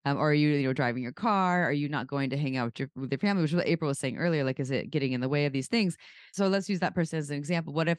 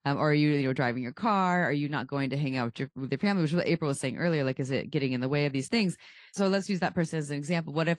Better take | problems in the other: first | garbled, watery; slightly

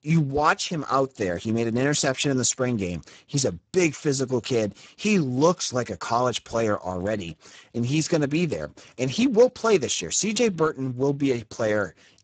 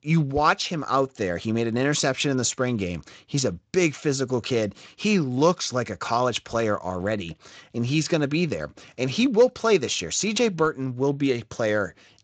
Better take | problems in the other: second | garbled, watery; badly; nothing above 7.5 kHz; slightly in the second

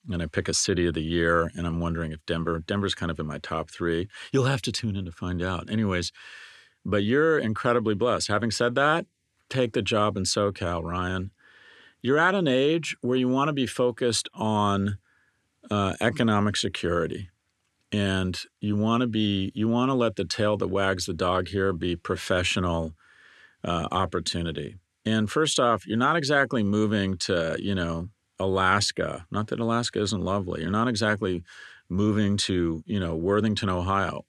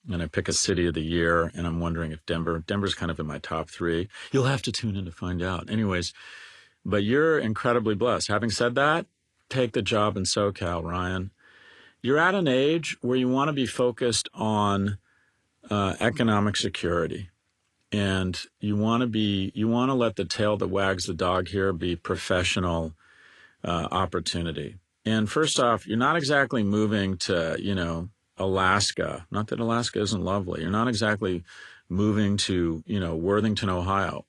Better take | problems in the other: first | garbled, watery; slightly

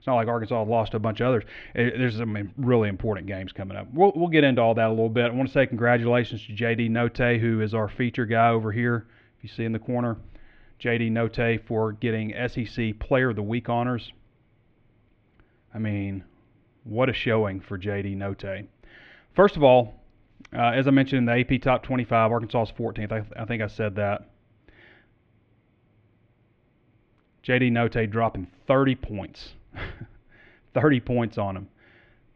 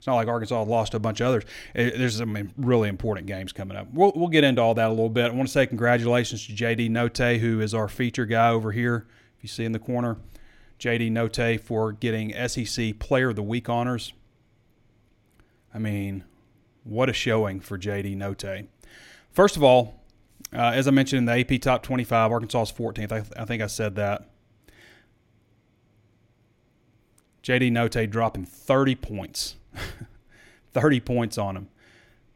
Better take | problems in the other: second | muffled; very; fading above 3 kHz

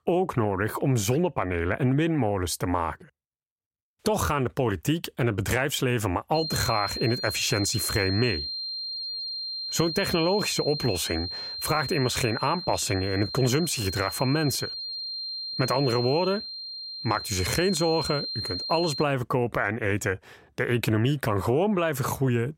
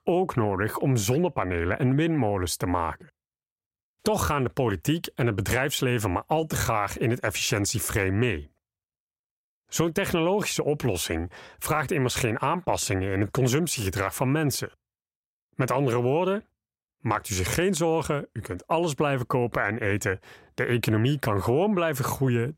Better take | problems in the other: second | high-pitched whine; loud; from 6.5 to 19 s; 4 kHz, 5 dB below the speech

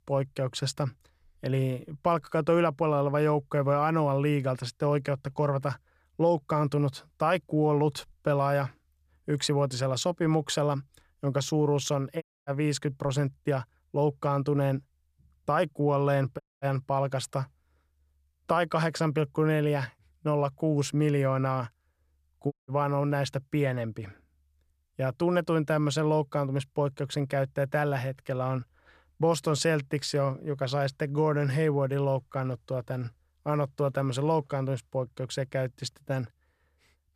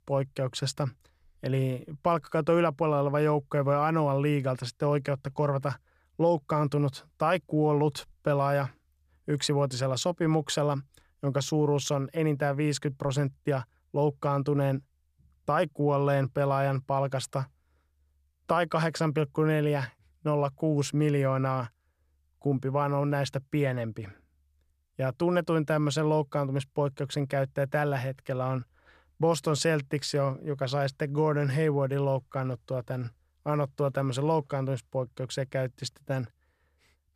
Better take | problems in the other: second | audio cutting out; at 12 s, at 16 s and at 23 s

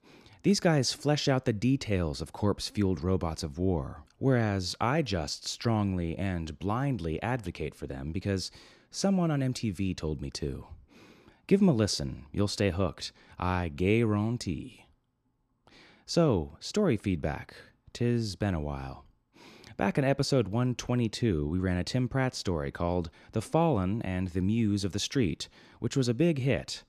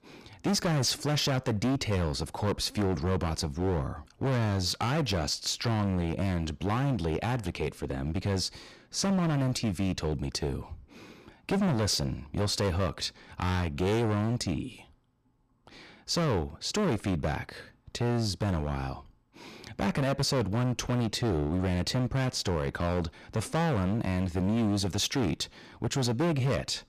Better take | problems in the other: first | distortion; heavy; 17% of the sound clipped

